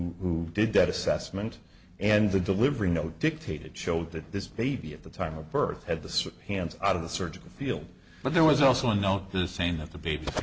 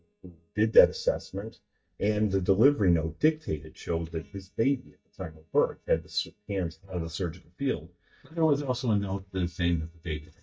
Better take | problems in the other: first | noise reduction (neural mask model DeepFilterNet 3)

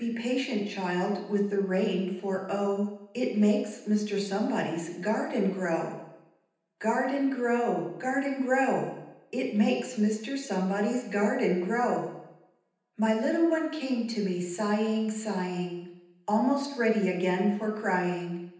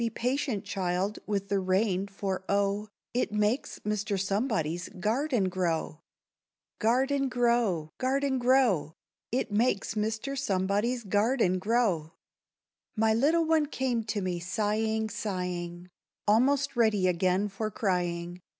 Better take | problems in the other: second | room echo; dies away in 0.9 s

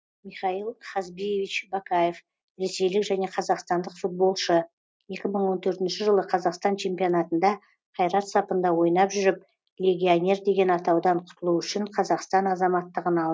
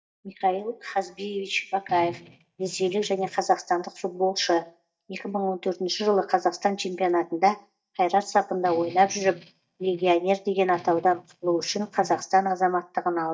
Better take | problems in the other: first | noise reduction (neural mask model DeepFilterNet 3)

